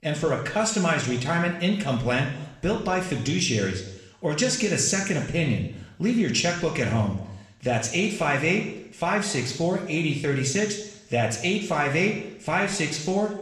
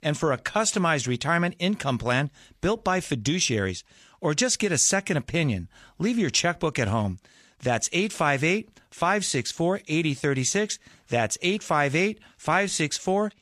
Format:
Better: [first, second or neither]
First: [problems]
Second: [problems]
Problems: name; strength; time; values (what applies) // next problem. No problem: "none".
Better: second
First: room echo; slight; dies away in 0.8 s // off-mic speech; somewhat distant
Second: none